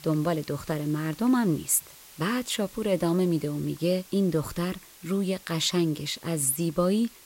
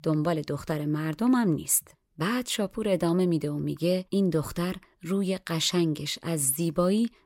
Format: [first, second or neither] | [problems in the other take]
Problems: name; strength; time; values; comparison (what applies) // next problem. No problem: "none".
second | hiss; faint; throughout; 20 dB below the speech